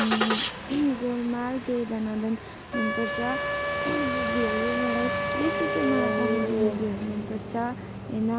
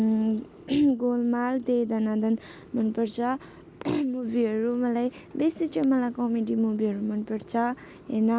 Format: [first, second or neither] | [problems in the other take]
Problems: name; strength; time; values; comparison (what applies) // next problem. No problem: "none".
second | background sound (Engine starting + Wind instrument, woodwind instrument); 1 dB below the speech